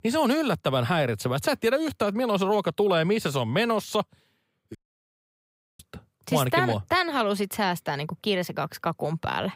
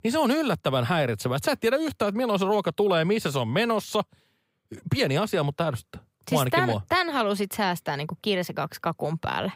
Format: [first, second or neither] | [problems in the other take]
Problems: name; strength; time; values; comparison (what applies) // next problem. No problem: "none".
second | audio cutting out; at 5 s for 1 s